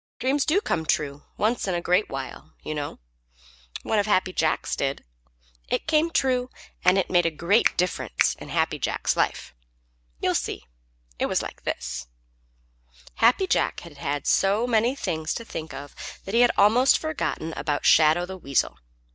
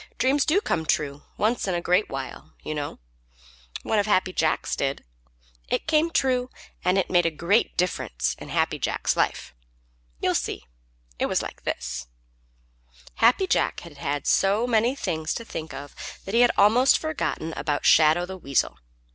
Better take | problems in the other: second | noise reduction (neural mask model DeepFilterNet 3)

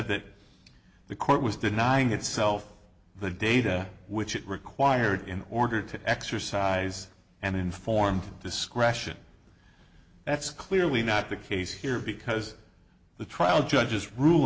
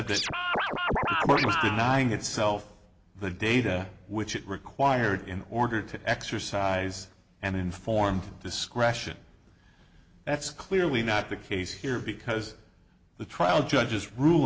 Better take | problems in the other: first | background sound (Scratching (performance technique)); 1 dB above the speech

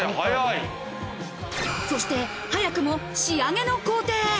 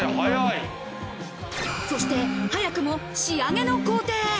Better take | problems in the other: first | background sound (Piano); 1 dB above the speech

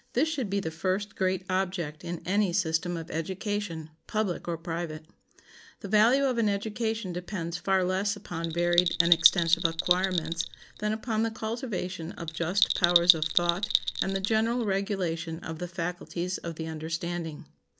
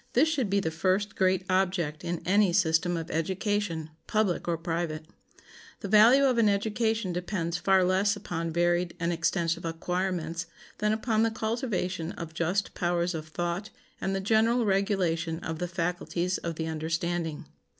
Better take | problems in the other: second | background sound (Bell); as loud as the speech

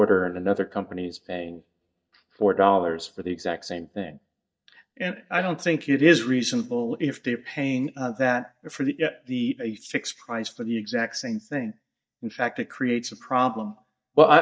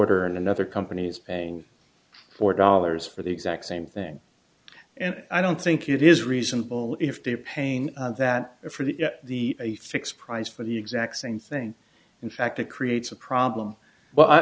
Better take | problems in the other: second | noise reduction (neural mask model DeepFilterNet 3)

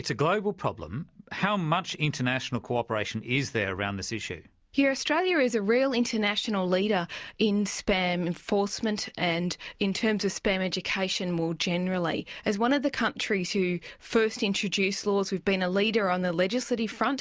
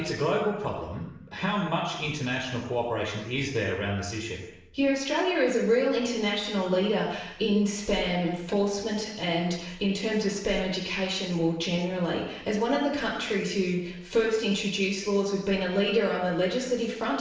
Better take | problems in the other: first | room echo; dies away in 0.8 s

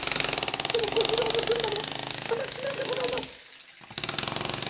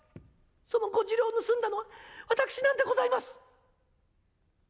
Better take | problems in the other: second | background sound (Tools); as loud as the speech // room echo; dies away in 0.3 s

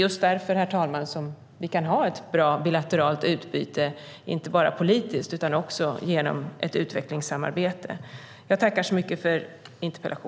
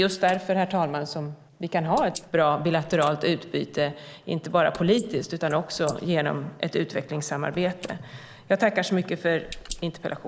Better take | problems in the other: first | noise reduction (neural mask model Resemble Enhance denoiser)

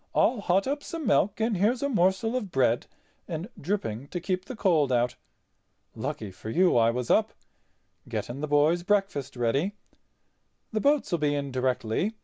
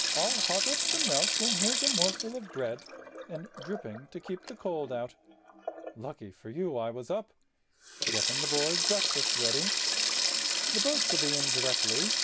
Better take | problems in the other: first | background sound (Sink (filling or washing)); 5 dB above the speech

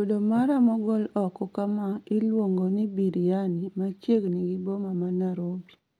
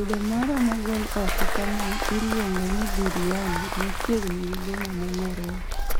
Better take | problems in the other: first | background sound (Purr + Applause / Crowd / Cheering); 1 dB above the speech

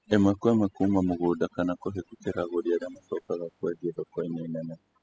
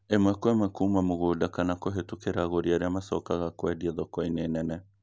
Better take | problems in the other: second | noise reduction (classical method spectral subtraction)

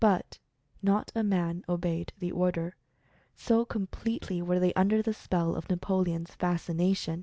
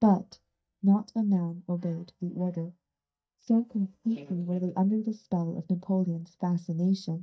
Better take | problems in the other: first | noise reduction (neural mask model DeepFilterNet 3)

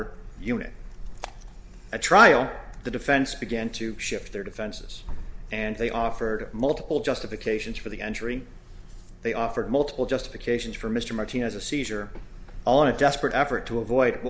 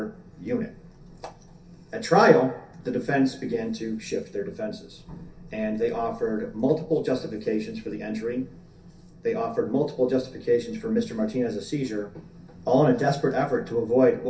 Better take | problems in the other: first | room echo; dies away in 0.3 s

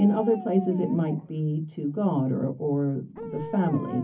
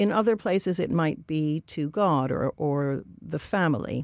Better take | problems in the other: second | background sound (Dog); 15 dB below the speech // room echo; dies away in 0.3 s

